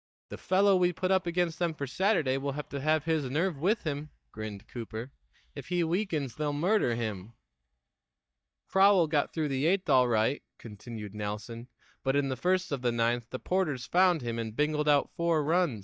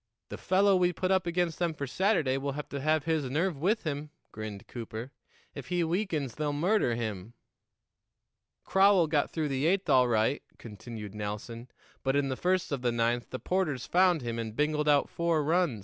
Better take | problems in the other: second | noise reduction (neural mask model DeepFilterNet 3)

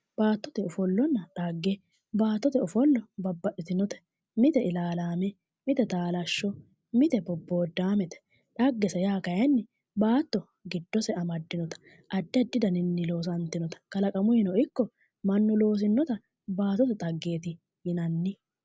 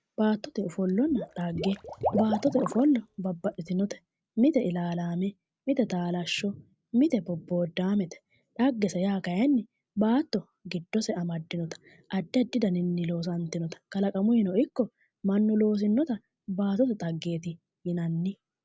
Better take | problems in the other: first | background sound (Liquid); 8 dB below the speech

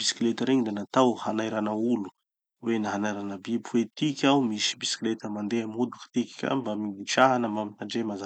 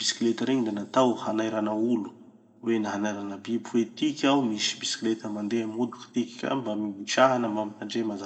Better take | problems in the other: first | room echo; dies away in 1.4 s

